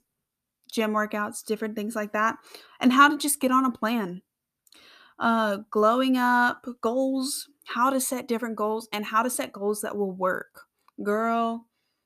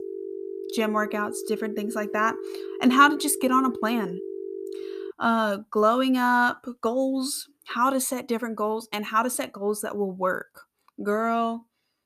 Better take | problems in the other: first | phone ringing; faint; until 5 s; peak 10 dB below the speech

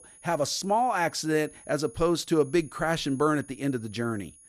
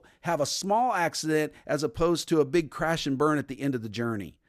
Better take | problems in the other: second | high-pitched whine; faint; throughout; 10.5 kHz, 25 dB below the speech

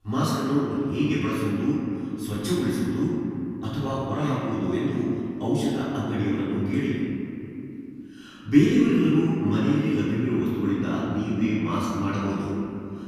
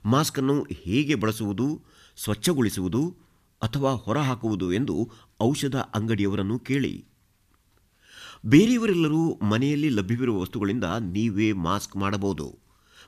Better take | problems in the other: second | off-mic speech; far // room echo; strong; dies away in 3 s

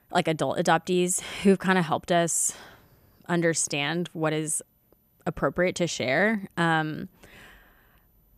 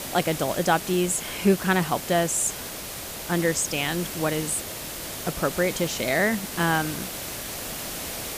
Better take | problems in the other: first | hiss; loud; throughout; 7 dB below the speech

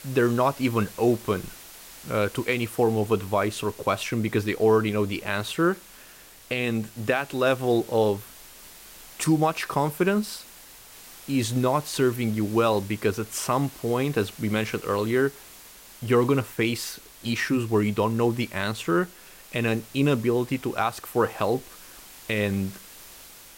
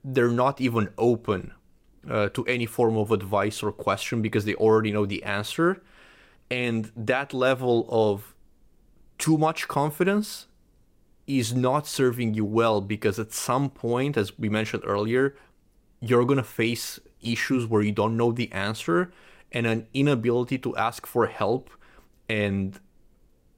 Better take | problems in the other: second | hiss; noticeable; throughout; 20 dB below the speech

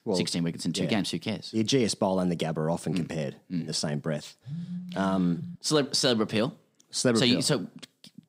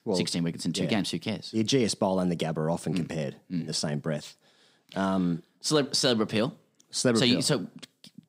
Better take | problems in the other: second | phone ringing; noticeable; from 4.5 to 5.5 s; peak 9 dB below the speech

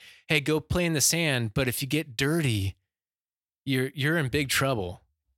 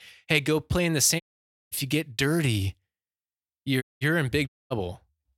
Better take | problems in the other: first | audio cutting out; at 1 s for 0.5 s, at 4 s and at 4.5 s

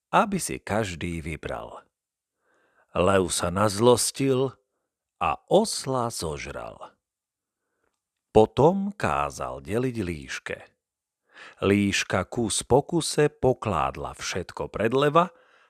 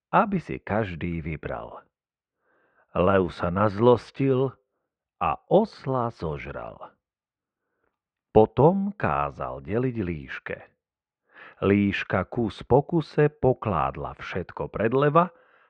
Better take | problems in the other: first | muffled; very; fading above 2.5 kHz

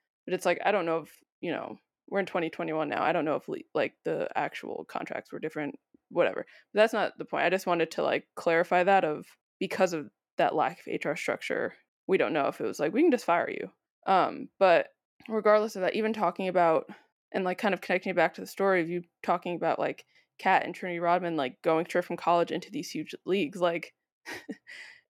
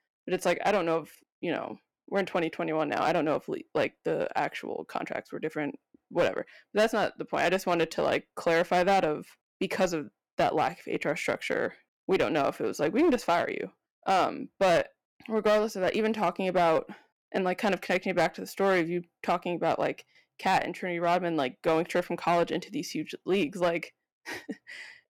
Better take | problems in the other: first | distortion; slight; 5% of the sound clipped

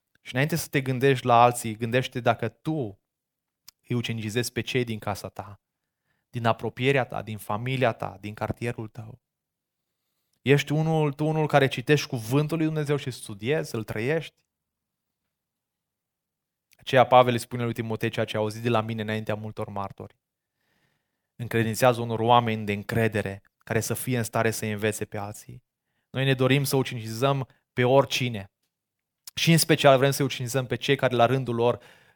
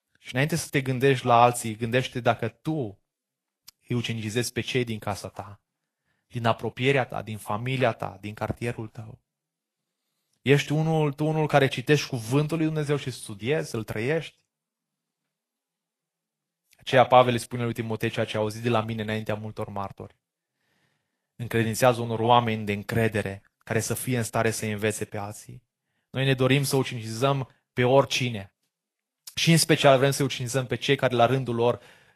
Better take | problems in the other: first | garbled, watery; slightly; nothing above 12.5 kHz

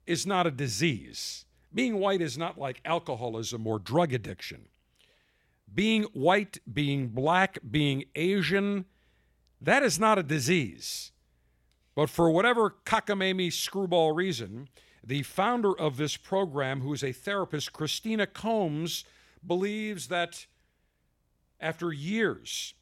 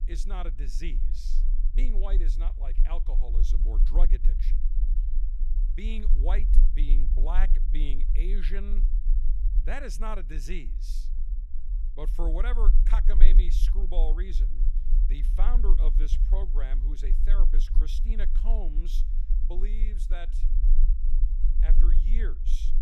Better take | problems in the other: first | low rumble; noticeable; throughout; 10 dB below the speech

